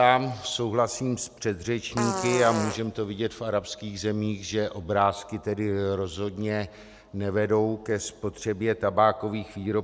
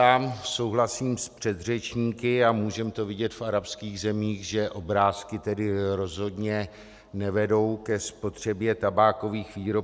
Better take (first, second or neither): second